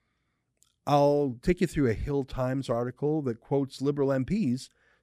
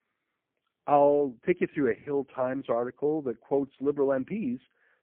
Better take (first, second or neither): first